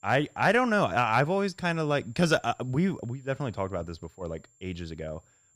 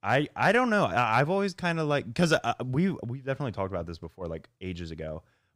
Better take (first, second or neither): second